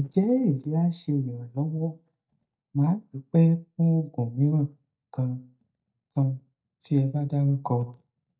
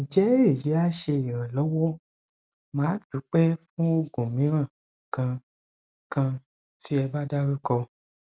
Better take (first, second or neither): second